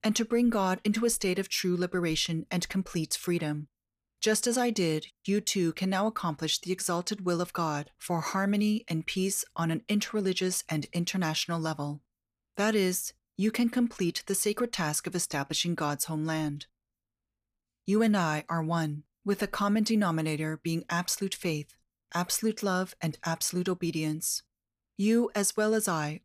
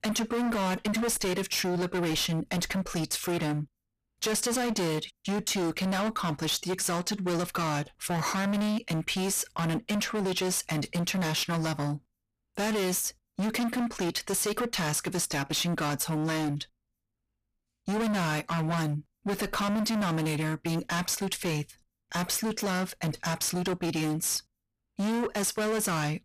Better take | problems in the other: first | distortion; heavy; 32% of the sound clipped

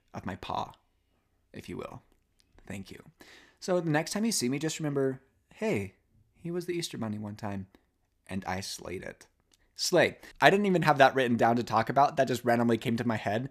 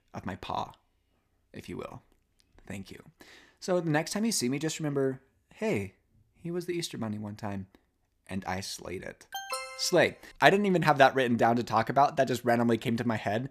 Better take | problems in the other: first | alarm; noticeable; at 9.5 s; peak 8 dB below the speech

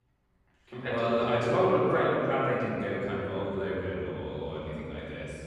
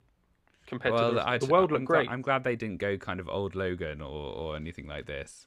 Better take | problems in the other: second | room echo; strong; dies away in 2.6 s // off-mic speech; far

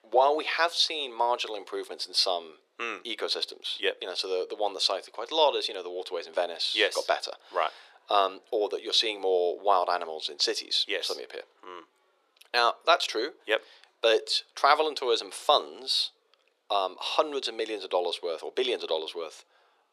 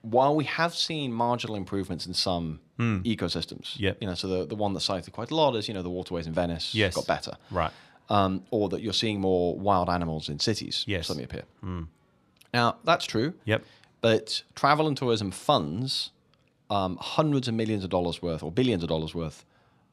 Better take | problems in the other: second | thin; very; fading below 400 Hz

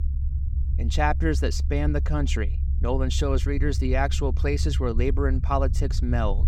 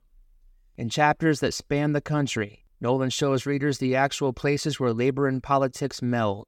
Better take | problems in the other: second | low rumble; noticeable; throughout; 15 dB below the speech

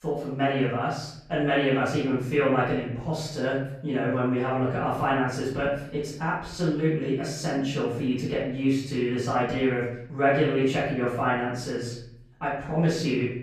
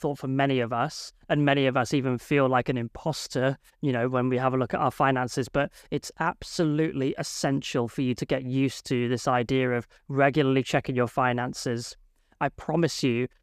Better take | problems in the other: second | room echo; noticeable; dies away in 0.7 s // off-mic speech; far

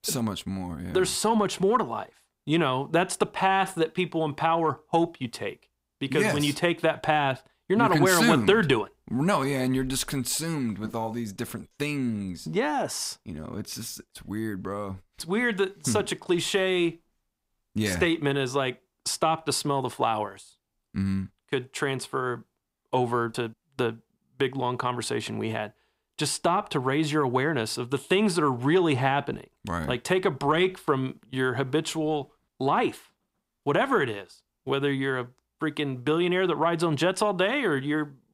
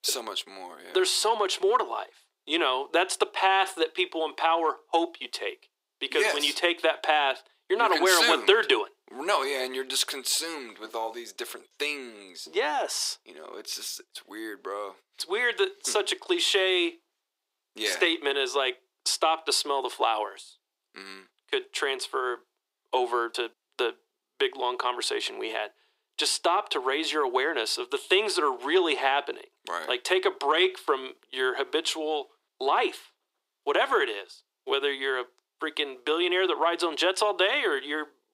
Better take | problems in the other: first | thin; very; fading below 350 Hz

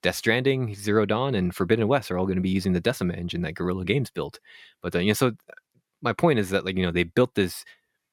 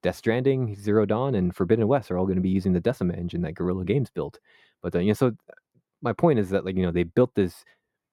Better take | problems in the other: first | muffled; slightly; fading above 1.5 kHz

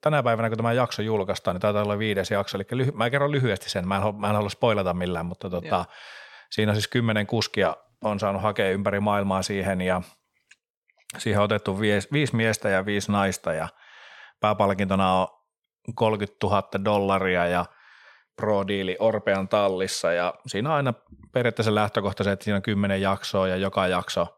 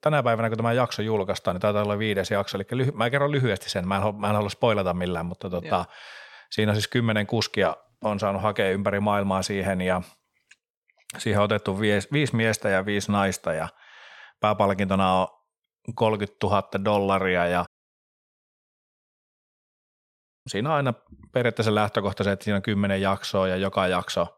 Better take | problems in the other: first | audio cutting out; at 18 s for 3 s

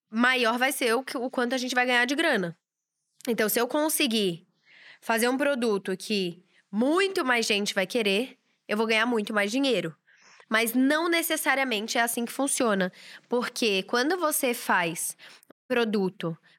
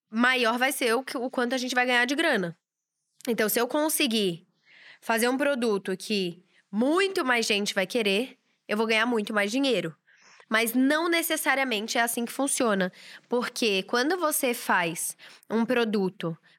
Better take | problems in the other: second | audio cutting out; at 16 s

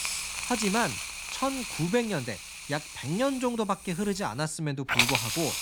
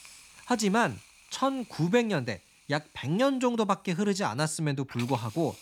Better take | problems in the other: second | hiss; loud; throughout; as loud as the speech; faint in the second

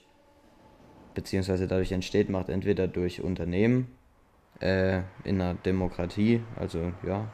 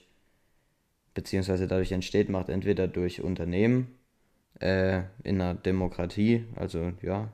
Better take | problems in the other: second | train or aircraft noise; faint; throughout; 25 dB below the speech

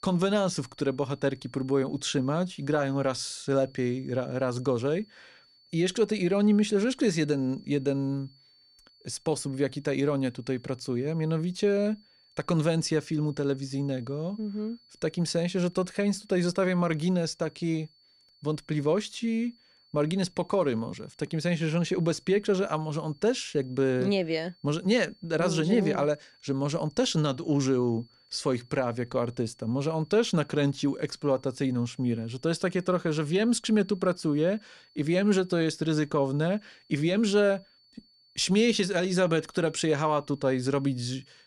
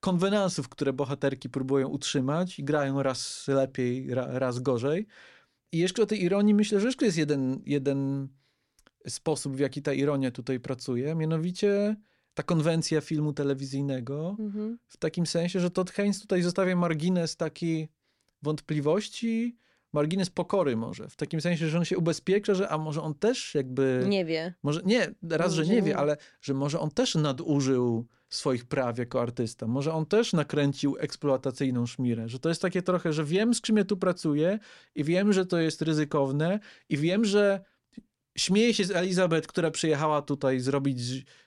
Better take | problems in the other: second | high-pitched whine; faint; throughout; 4.5 kHz, 30 dB below the speech

